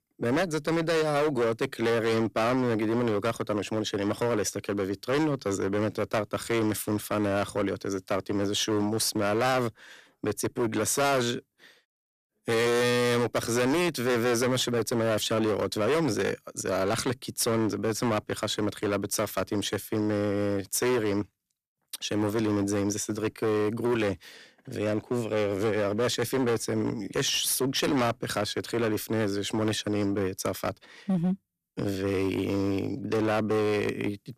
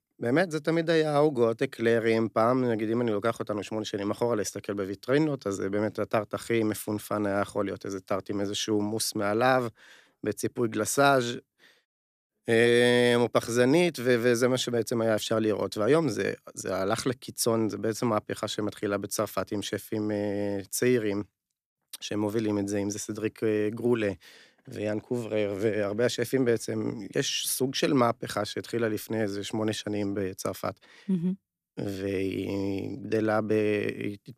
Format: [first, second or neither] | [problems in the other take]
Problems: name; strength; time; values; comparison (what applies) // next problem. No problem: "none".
second | distortion; heavy; 15% of the sound clipped